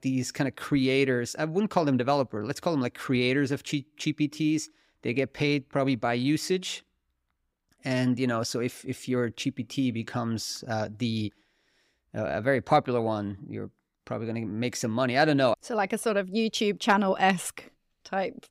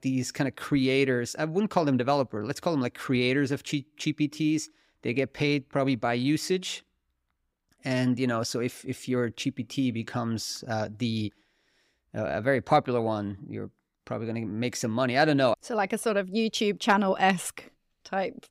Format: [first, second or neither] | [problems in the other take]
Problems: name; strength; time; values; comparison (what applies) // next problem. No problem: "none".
neither | none